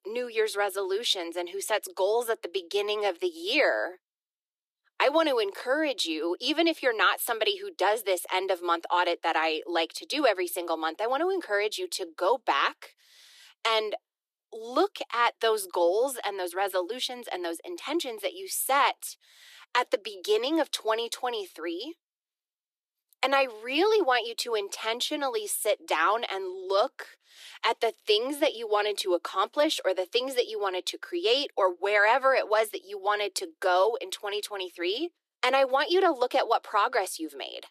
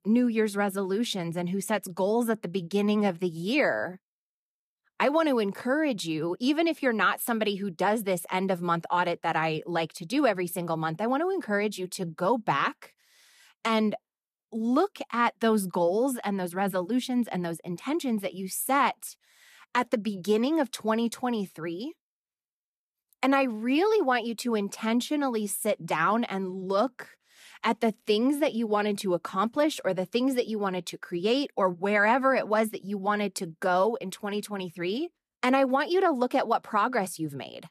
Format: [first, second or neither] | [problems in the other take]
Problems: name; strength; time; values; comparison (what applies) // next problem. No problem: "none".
second | thin; very; fading below 350 Hz